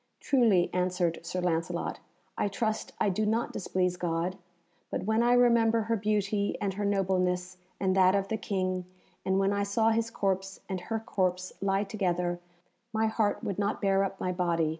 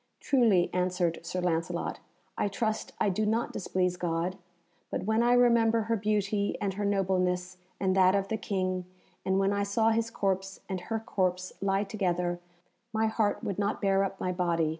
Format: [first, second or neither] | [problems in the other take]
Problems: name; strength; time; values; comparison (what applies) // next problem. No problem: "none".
second | noise reduction (neural mask model Resemble Enhance denoiser)